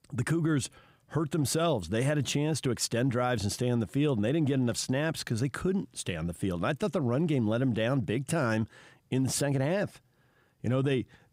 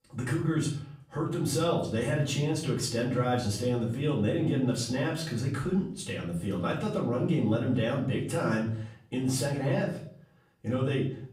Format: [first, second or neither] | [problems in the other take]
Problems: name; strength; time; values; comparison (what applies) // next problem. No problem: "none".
first | off-mic speech; far // room echo; slight; dies away in 0.5 s